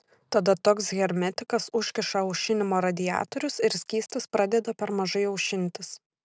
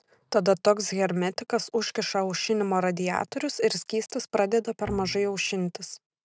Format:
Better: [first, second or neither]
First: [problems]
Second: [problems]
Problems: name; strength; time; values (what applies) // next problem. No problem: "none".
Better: first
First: none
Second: noise reduction (neural mask model RNNoise)